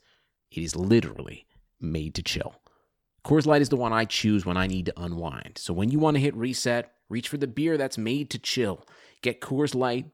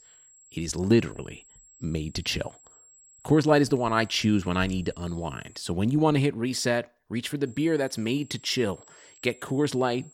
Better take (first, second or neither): first